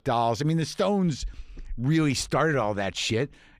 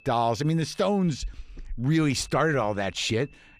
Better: first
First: none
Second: high-pitched whine; faint; until 1.5 s and from 2 s on; 2.5 kHz, 30 dB below the speech

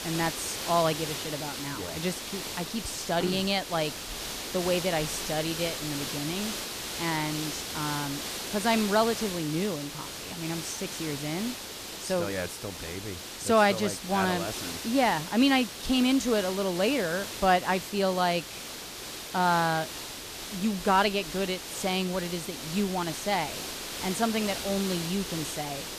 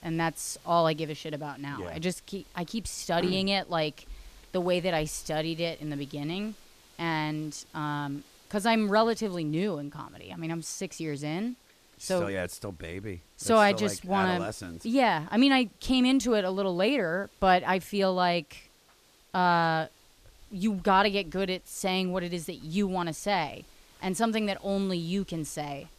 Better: second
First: hiss; loud; throughout; 6 dB below the speech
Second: hiss; faint; throughout; 30 dB below the speech

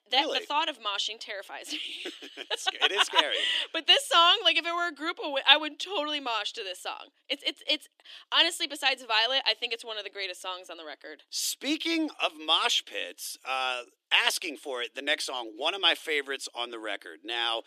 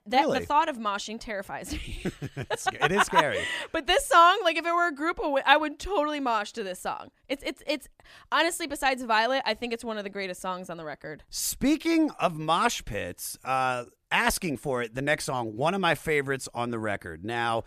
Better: second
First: thin; very slightly; fading below 300 Hz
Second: none

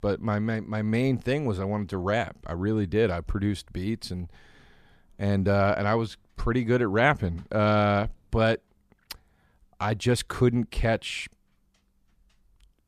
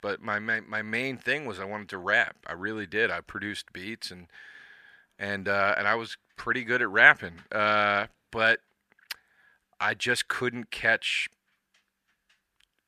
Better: first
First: none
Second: thin; very; fading below 700 Hz

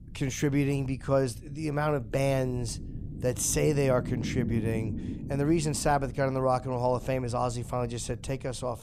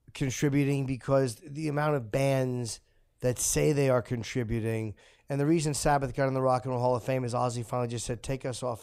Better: second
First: low rumble; noticeable; throughout; 15 dB below the speech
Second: none

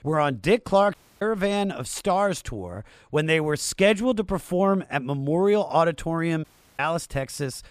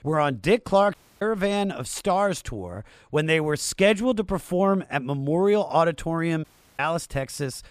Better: neither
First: audio cutting out; at 1 s and at 6.5 s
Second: audio cutting out; at 1 s and at 6.5 s

